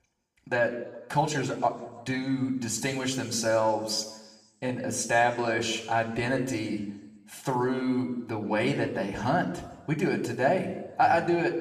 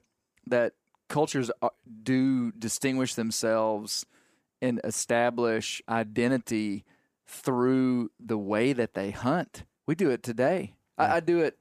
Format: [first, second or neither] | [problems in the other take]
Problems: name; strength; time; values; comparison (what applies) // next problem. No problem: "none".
second | room echo; slight; dies away in 1 s // off-mic speech; somewhat distant